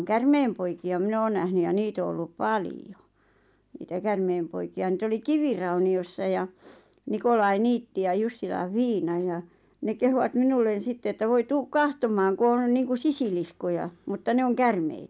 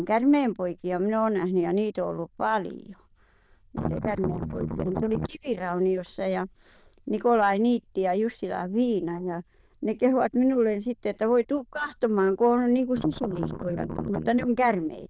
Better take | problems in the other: first | noise reduction (neural diffusion model UNIVERSE++)

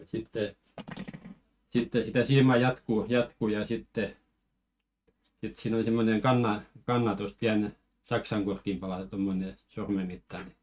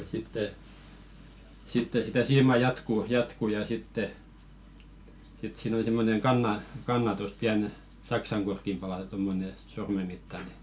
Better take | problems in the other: second | noise reduction (neural mask model RNNoise)

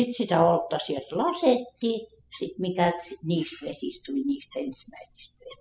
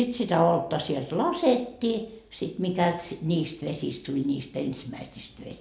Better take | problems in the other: second | noise reduction (classical method spectral subtraction)

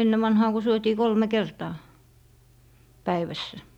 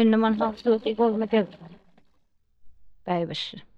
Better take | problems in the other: first | noise reduction (neural mask model DeepFilterNet 3)

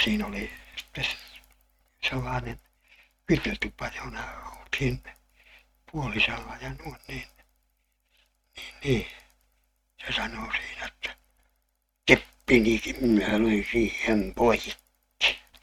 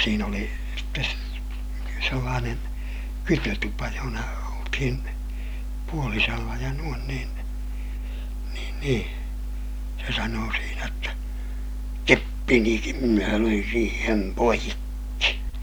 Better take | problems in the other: second | noise reduction (neural mask model RNNoise)

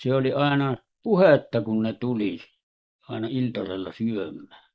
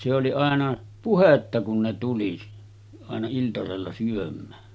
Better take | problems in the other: second | noise reduction (neural mask model Resemble Enhance denoiser)

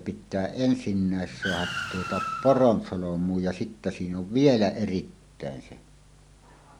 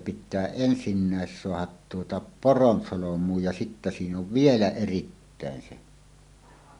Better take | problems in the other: second | background sound (Car); 9 dB below the speech

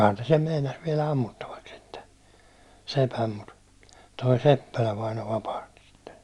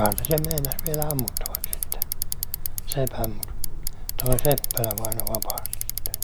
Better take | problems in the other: first | background sound (Bicycle); 4 dB above the speech

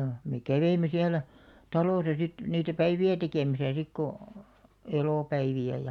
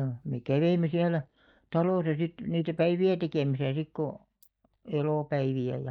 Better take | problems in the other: first | noise reduction (neural mask model DeepFilterNet 3)

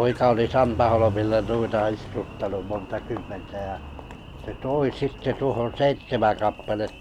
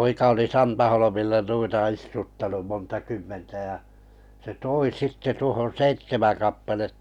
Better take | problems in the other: second | background sound (Engine); 12 dB below the speech

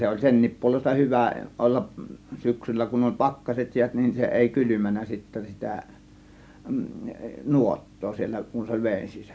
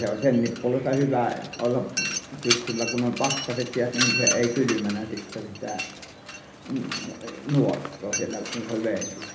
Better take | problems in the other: first | background sound (Mechanisms); 5 dB below the speech // room echo; dies away in 0.7 s

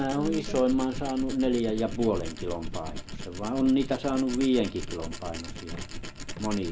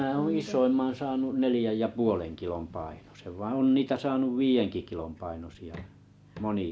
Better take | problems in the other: second | background sound (Tools); 8 dB below the speech

